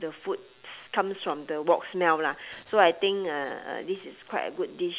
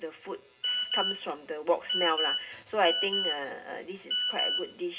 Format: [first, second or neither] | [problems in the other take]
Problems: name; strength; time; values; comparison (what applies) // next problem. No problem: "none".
first | background sound (Telephone); as loud as the speech // room echo; dies away in 0.2 s